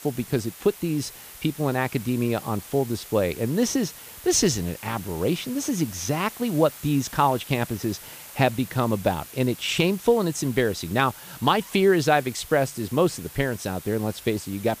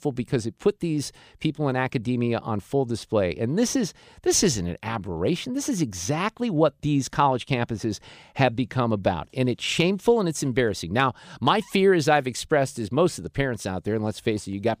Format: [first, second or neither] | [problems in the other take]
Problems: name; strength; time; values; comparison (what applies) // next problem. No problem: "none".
second | hiss; noticeable; throughout; 15 dB below the speech